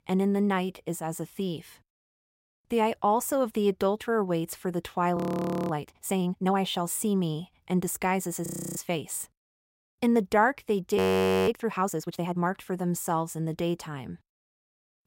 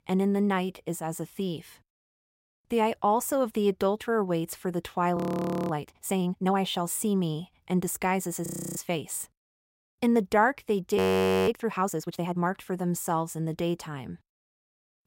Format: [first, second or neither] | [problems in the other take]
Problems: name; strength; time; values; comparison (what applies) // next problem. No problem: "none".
neither | audio freezing; at 5 s for 0.5 s, at 8.5 s and at 11 s; the same in both